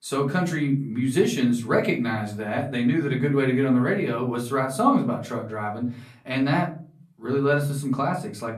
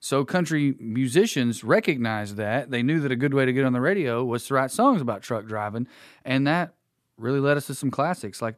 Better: second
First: off-mic speech; far // room echo; very slight; dies away in 0.4 s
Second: none

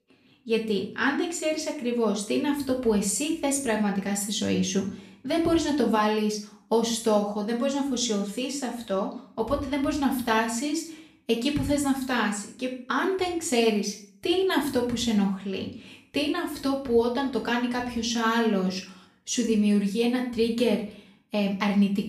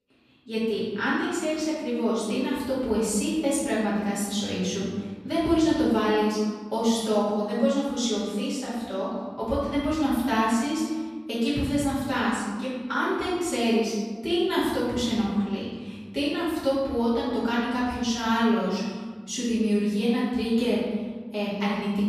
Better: first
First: room echo; slight; dies away in 0.5 s // off-mic speech; far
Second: room echo; strong; dies away in 1.5 s // off-mic speech; far

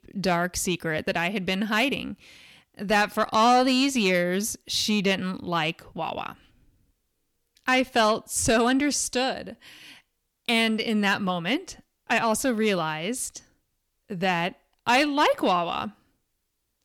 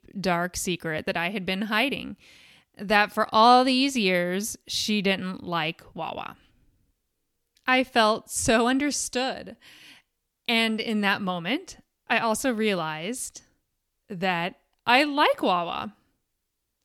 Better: second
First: distortion; slight; 10 dB below the speech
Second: none

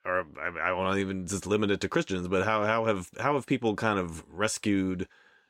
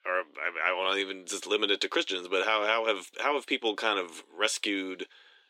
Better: first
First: none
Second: thin; somewhat; fading below 300 Hz

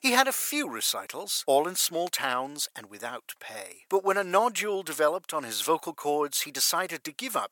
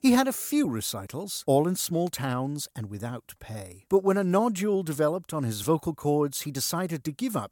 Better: second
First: thin; very; fading below 600 Hz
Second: none

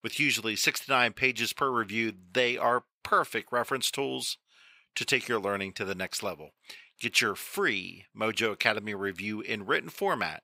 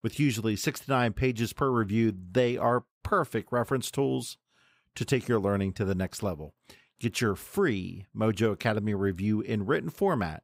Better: second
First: thin; somewhat; fading below 900 Hz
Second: none

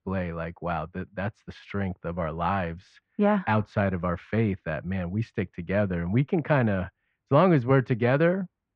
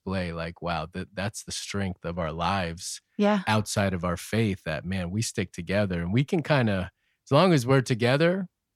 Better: second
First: muffled; very; fading above 2 kHz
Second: none

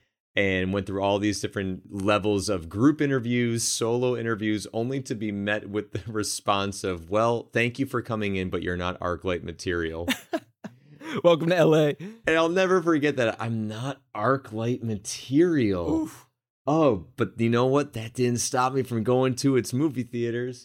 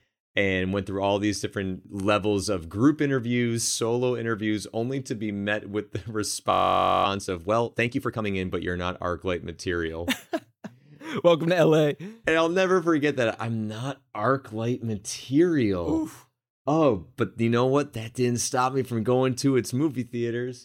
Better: first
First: none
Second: audio freezing; at 6.5 s for 0.5 s

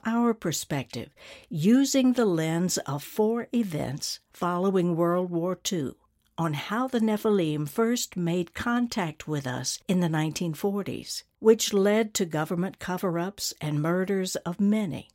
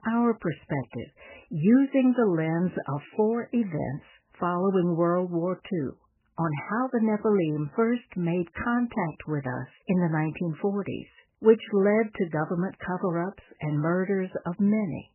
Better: first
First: none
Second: garbled, watery; badly; nothing above 3 kHz

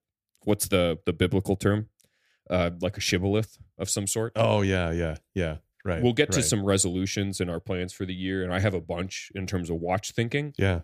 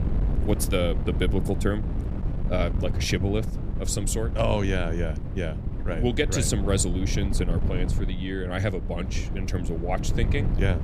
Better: first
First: none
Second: wind noise on the microphone; occasional gusts; 10 dB below the speech

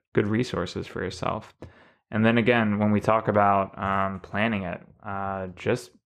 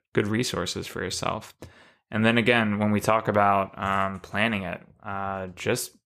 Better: second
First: muffled; slightly; fading above 1.5 kHz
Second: none

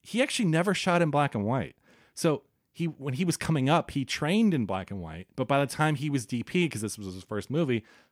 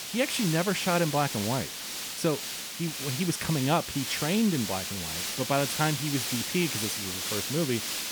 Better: first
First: none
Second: hiss; loud; throughout; 2 dB below the speech

